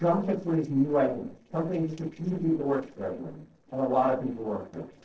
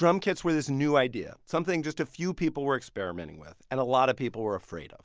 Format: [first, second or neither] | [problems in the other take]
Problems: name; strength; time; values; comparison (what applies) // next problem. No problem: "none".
second | noise reduction (neural separator model SepFormer DNS4)